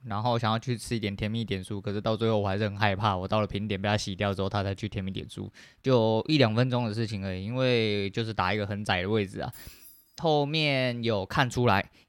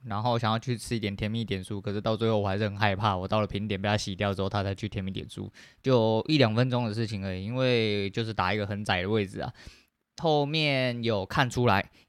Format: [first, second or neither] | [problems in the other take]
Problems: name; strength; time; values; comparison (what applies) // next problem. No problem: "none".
second | jangling keys; faint; at 9.5 s; peak 20 dB below the speech